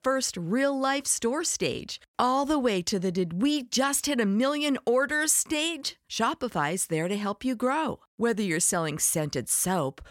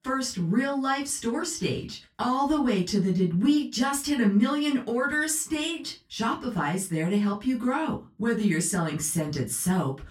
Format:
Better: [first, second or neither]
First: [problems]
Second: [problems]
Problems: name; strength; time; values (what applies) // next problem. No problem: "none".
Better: first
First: none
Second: off-mic speech; far // room echo; very slight; dies away in 0.3 s